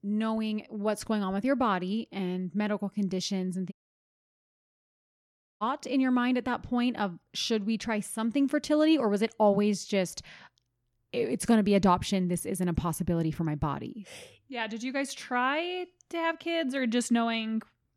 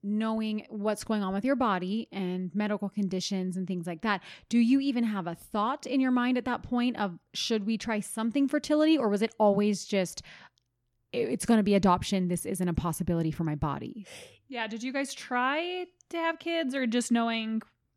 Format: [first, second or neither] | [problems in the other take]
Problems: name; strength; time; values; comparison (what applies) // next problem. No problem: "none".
second | audio cutting out; at 3.5 s for 2 s